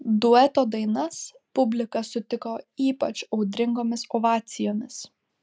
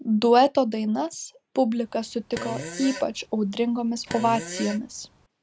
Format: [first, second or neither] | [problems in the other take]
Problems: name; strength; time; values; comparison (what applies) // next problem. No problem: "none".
first | background sound (Fart); 13 dB below the speech